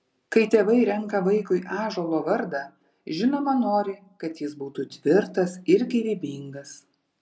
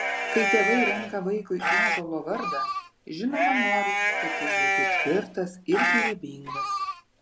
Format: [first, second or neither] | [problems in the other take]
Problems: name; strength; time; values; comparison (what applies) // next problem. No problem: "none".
first | background sound (Livestock, farm animals, working animals); 3 dB above the speech